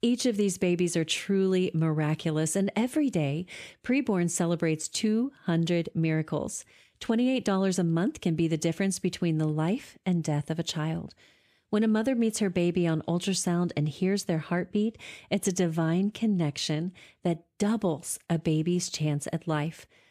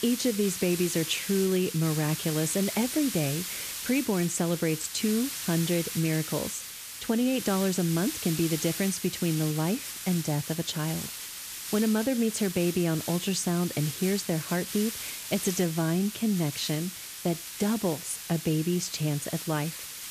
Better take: first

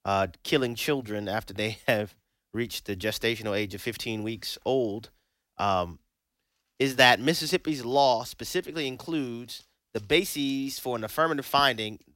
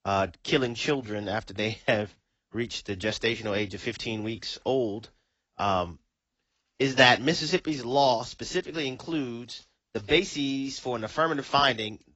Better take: first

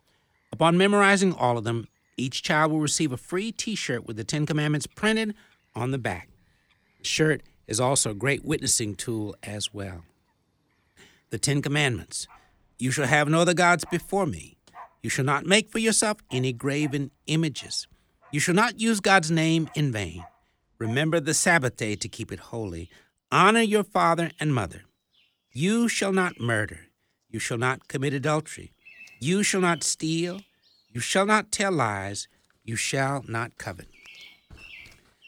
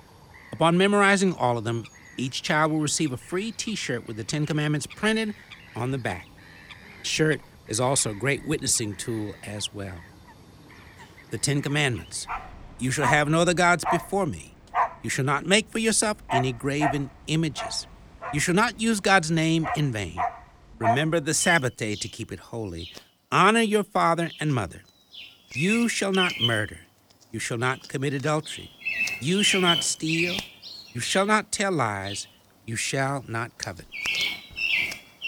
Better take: first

